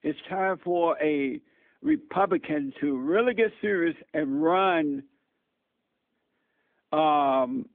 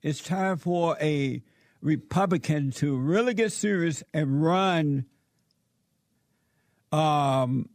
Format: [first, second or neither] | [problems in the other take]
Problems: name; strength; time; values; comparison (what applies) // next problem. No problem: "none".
second | phone-call audio; nothing above 3.5 kHz